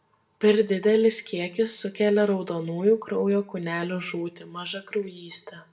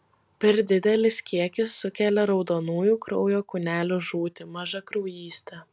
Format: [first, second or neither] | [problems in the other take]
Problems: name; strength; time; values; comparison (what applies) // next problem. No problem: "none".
second | room echo; dies away in 0.4 s